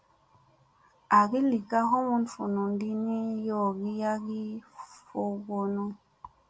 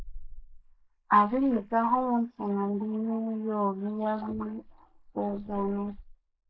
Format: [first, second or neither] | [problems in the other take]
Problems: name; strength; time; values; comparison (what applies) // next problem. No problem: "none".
first | noise reduction (neural mask model Resemble Enhance denoiser)